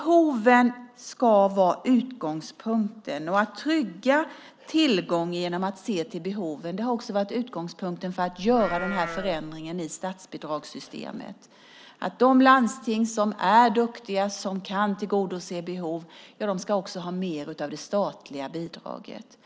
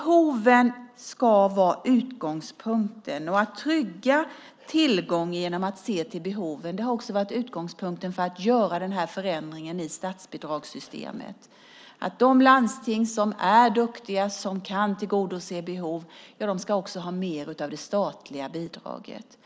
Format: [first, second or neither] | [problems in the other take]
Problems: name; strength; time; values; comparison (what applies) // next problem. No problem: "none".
second | background sound (Livestock, farm animals, working animals); 10 dB below the speech